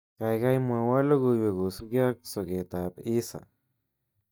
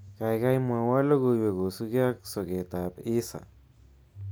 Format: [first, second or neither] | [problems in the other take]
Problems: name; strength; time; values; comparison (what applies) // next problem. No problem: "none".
second | noise reduction (neural mask model DeepFilterNet 3)